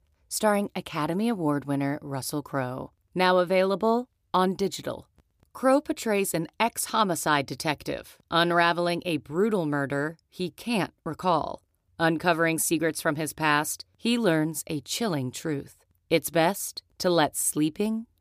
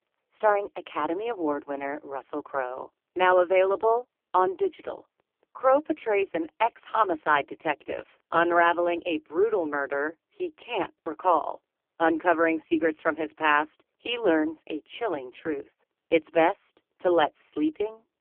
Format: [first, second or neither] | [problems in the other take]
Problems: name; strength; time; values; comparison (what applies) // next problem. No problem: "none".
first | phone-call audio; poor line; nothing above 3 kHz